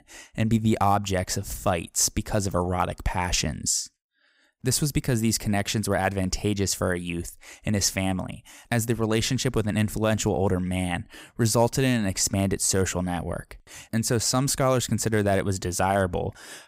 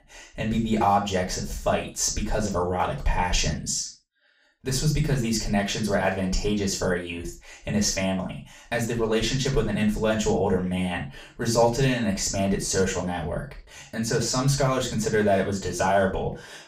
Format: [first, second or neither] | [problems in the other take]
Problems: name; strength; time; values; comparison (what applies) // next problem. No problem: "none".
first | room echo; noticeable; dies away in 0.3 s // off-mic speech; far